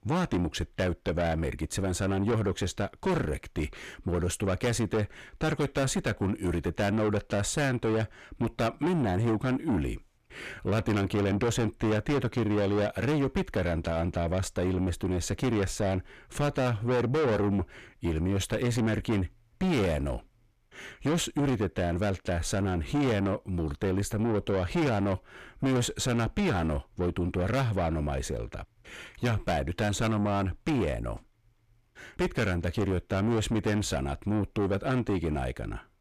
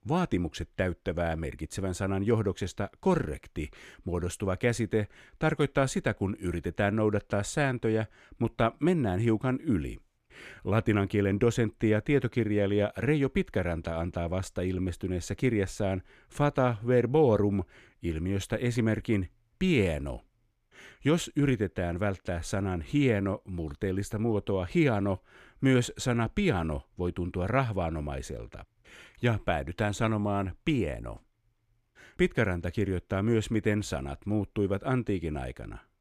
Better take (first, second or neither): second